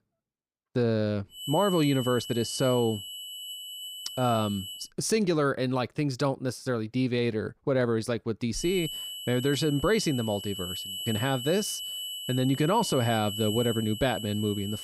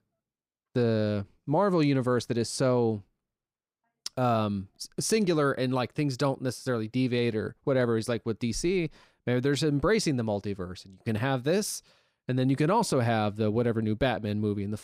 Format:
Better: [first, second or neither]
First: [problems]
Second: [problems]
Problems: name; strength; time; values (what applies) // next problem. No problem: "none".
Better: second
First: high-pitched whine; loud; from 1.5 to 5 s and from 8.5 s on; 3 kHz, 8 dB below the speech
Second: none